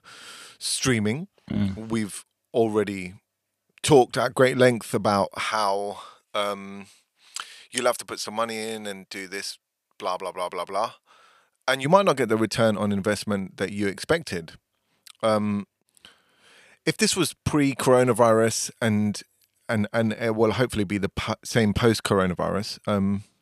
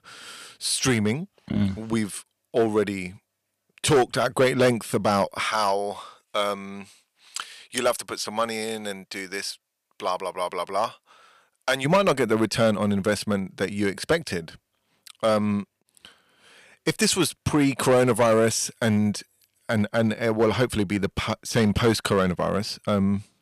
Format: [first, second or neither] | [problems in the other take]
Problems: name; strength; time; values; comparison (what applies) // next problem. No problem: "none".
first | distortion; slight; 3% of the sound clipped